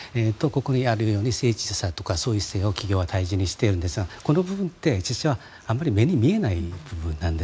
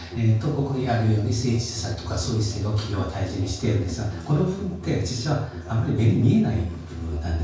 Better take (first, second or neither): first